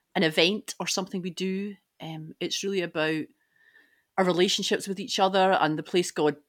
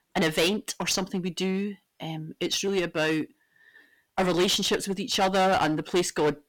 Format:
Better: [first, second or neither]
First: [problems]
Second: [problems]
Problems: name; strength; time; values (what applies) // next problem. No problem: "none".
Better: first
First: none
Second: distortion; heavy; 10% of the sound clipped